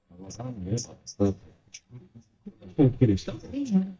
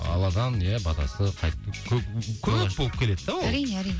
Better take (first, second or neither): second